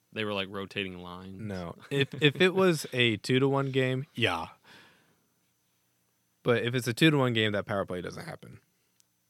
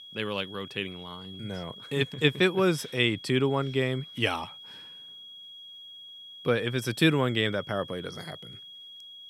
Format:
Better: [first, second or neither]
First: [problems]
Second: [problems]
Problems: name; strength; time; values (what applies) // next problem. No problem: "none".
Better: first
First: none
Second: high-pitched whine; noticeable; throughout; 3.5 kHz, 15 dB below the speech